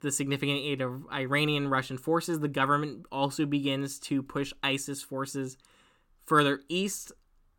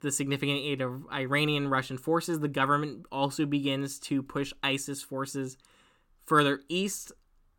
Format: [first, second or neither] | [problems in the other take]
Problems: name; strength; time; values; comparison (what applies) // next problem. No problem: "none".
neither | none